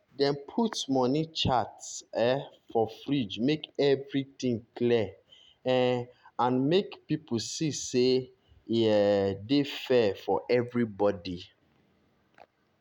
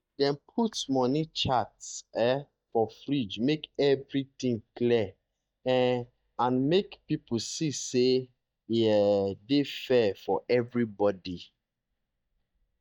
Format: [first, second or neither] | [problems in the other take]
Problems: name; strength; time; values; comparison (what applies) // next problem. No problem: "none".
first | noise reduction (neural mask model DeepFilterNet 3)